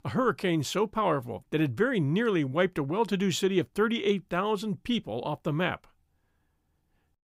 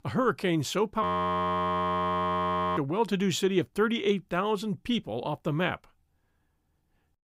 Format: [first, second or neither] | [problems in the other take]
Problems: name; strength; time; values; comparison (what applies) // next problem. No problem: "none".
first | audio freezing; at 1 s for 1.5 s